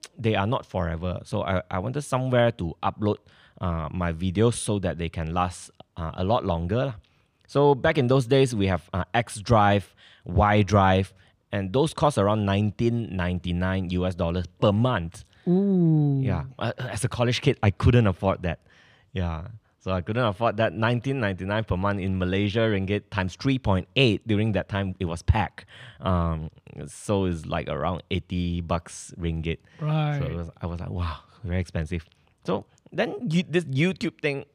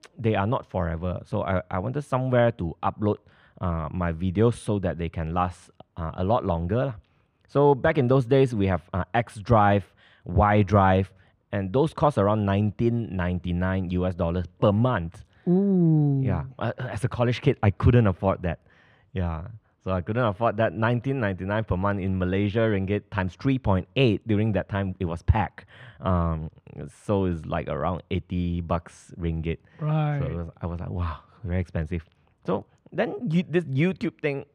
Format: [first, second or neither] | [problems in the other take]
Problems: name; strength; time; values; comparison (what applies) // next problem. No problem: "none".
first | muffled; slightly; fading above 3 kHz